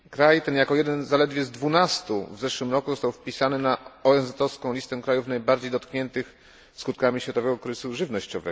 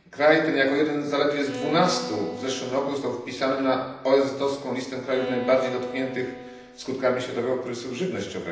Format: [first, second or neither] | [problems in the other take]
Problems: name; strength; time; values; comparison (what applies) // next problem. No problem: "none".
first | background sound (Bowed string instrument); 11 dB below the speech // room echo; dies away in 0.9 s